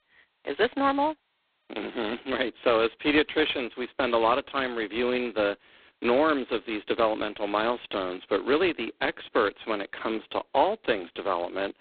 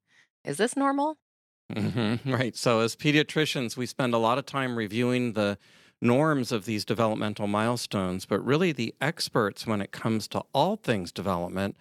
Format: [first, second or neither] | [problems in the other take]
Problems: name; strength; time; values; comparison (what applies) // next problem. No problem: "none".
second | phone-call audio; poor line; nothing above 4 kHz